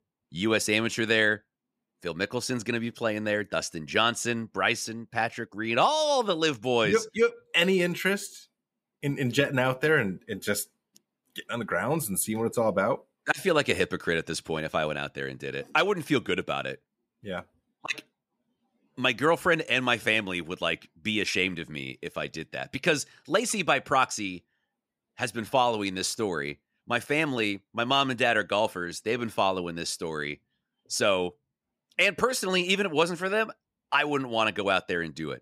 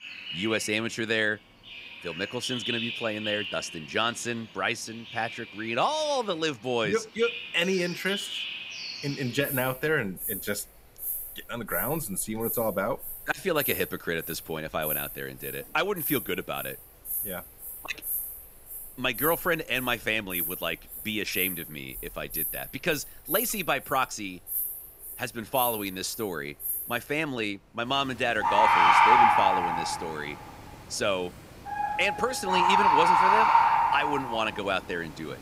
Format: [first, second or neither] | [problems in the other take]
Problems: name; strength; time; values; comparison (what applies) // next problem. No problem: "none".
first | animal sounds; very loud; throughout; 2 dB above the speech